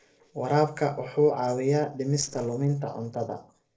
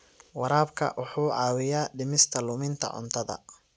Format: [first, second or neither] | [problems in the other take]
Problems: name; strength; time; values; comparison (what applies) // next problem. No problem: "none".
second | noise reduction (neural separator model SepFormer DNS4)